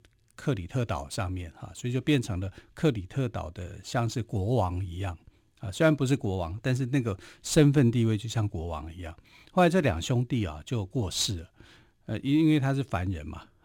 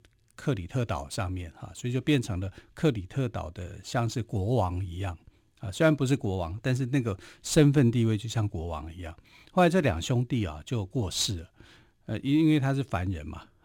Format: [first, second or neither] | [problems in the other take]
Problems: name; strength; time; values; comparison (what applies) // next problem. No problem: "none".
neither | none